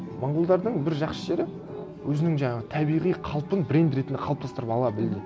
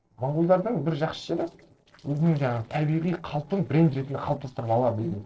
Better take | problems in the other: first | noise reduction (neural separator model SepFormer DNS4)

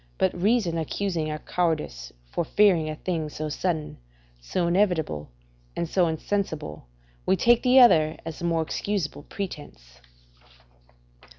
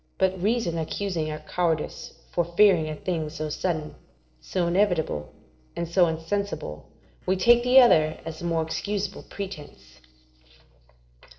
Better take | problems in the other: first | noise reduction (neural separator model SepFormer DNS4)

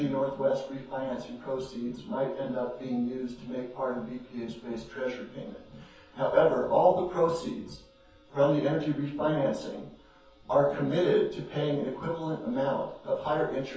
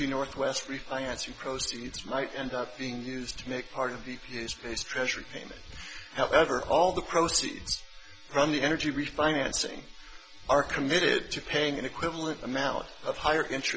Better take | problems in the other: second | room echo; dies away in 0.6 s

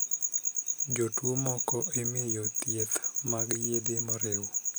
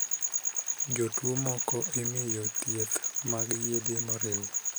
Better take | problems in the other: first | background sound (Rain); 19 dB below the speech

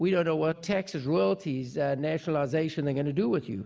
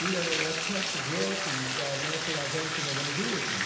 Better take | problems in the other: first | background sound (Bathtub (filling or washing)); 3 dB above the speech // room echo; dies away in 0.8 s

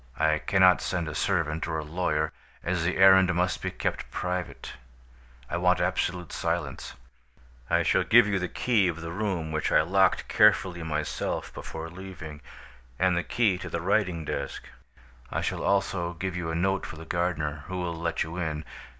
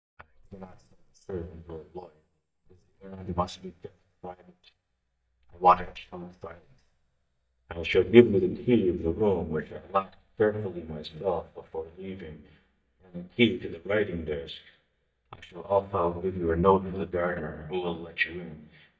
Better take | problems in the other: first | noise reduction (neural mask model DeepFilterNet 3)

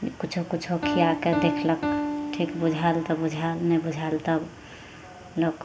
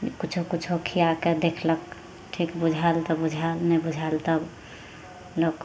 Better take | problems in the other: second | background sound (Piano); 6 dB below the speech

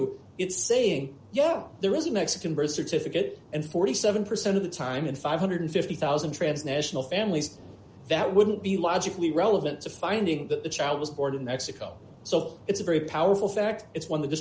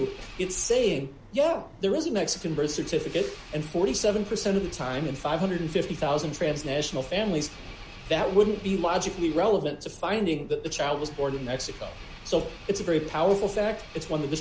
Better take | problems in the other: first | background sound (Engine + Truck); 17 dB below the speech

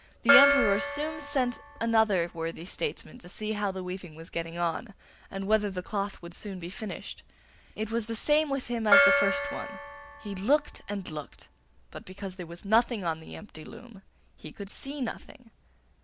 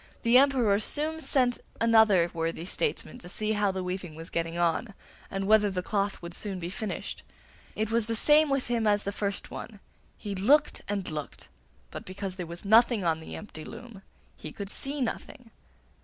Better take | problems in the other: second | background sound (Gong); 1 dB above the speech

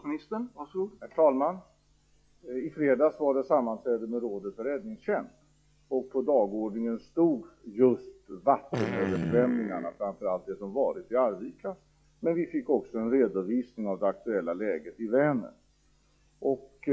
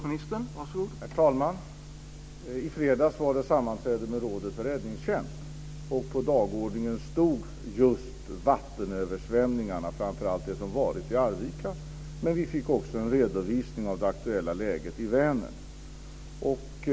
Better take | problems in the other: second | noise reduction (classical method log-MMSE)

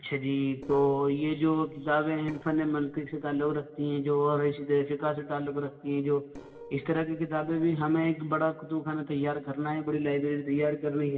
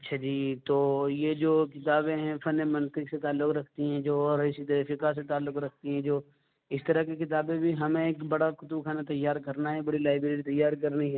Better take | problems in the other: second | noise reduction (neural separator model SepFormer DNS4)

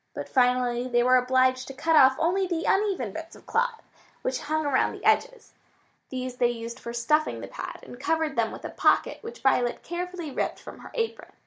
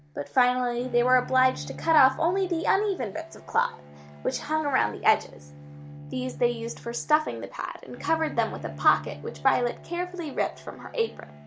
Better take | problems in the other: first | background sound (Bowed string instrument); 16 dB below the speech

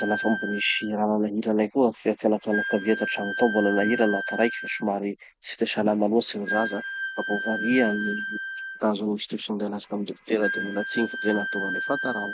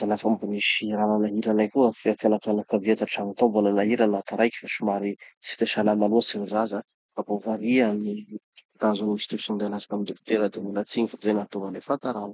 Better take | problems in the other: second | background sound (Wind instrument, woodwind instrument); 7 dB below the speech

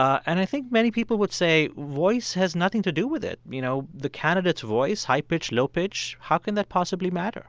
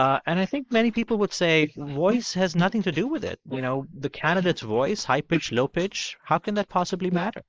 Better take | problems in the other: first | noise reduction (neural mask model Resemble Enhance denoiser)

